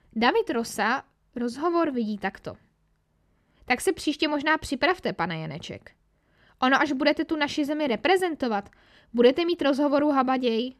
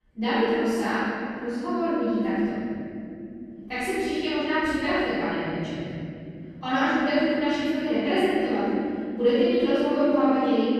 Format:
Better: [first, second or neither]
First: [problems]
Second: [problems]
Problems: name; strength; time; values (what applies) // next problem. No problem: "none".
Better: first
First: none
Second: off-mic speech; far // room echo; strong; dies away in 3 s